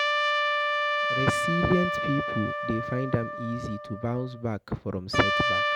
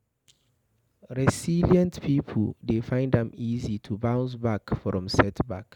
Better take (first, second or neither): second